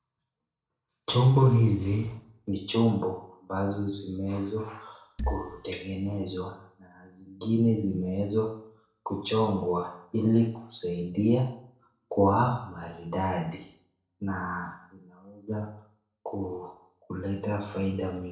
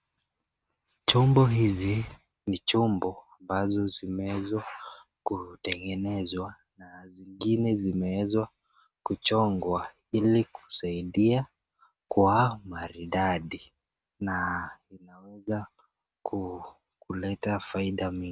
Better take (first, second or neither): second